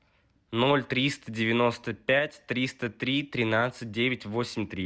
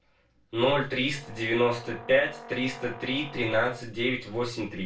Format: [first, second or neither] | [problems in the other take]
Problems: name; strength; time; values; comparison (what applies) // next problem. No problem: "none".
first | background sound (Brass instrument); 17 dB below the speech // room echo; dies away in 0.2 s